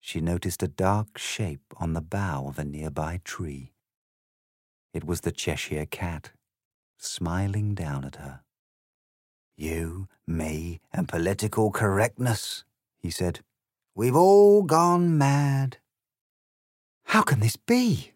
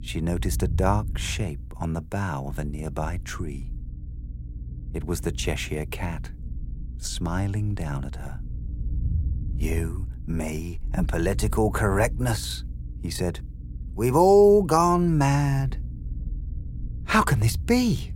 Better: first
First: none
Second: low rumble; faint; throughout; 25 dB below the speech

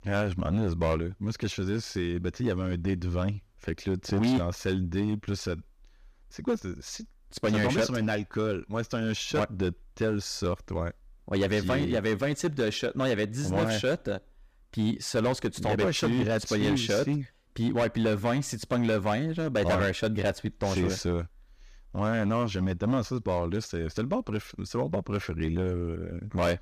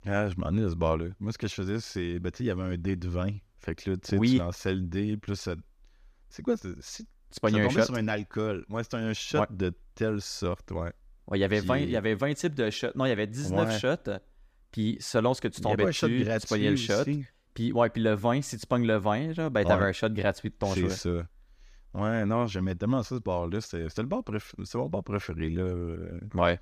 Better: second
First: distortion; slight; 7% of the sound clipped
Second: none

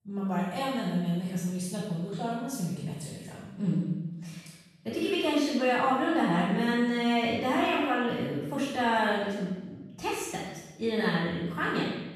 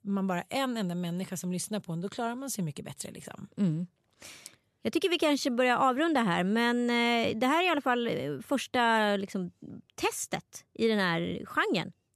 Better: second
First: room echo; strong; dies away in 1 s // off-mic speech; far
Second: none

